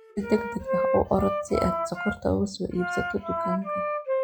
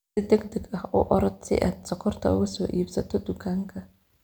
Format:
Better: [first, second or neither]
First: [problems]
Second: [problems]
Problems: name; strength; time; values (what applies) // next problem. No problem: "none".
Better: second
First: noise reduction (classical method log-MMSE)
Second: none